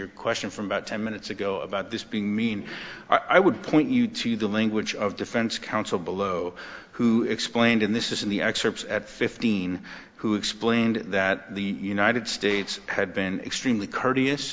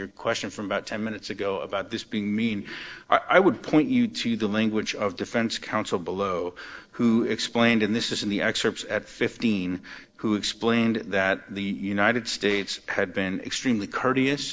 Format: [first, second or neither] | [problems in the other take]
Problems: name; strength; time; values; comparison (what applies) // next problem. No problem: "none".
first | noise reduction (neural separator model SepFormer DNS4)